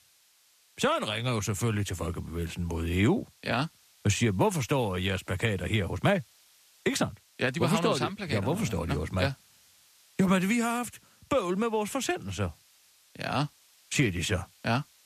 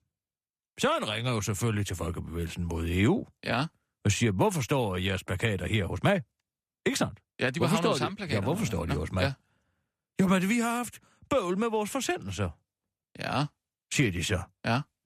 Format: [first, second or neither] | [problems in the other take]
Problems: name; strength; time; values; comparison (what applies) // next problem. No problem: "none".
second | hiss; faint; throughout; 30 dB below the speech